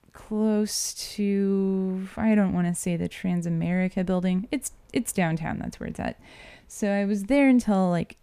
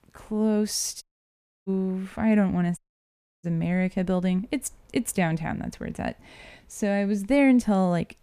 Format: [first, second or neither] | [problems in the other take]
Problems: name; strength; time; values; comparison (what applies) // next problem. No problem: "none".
first | audio cutting out; at 1 s for 0.5 s and at 3 s for 0.5 s